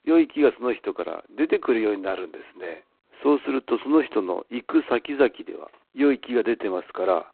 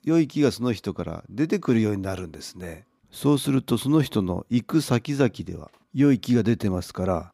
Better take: second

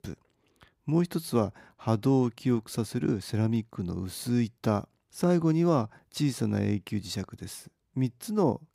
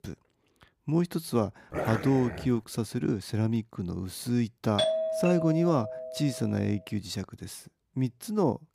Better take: first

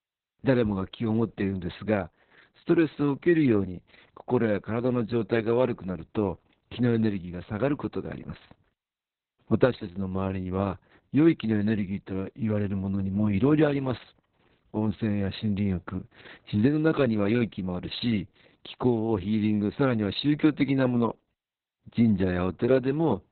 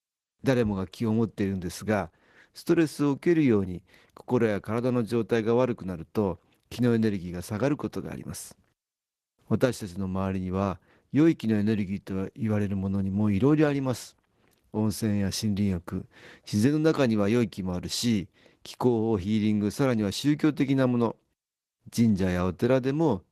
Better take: second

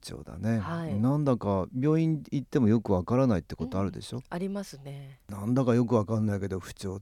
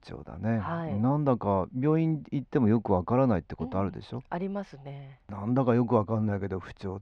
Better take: first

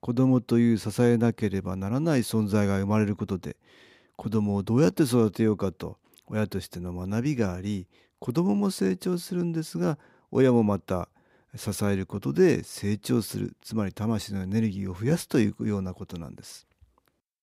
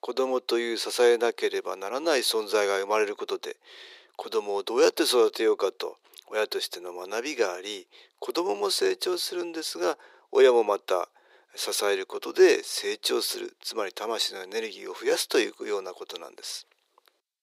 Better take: first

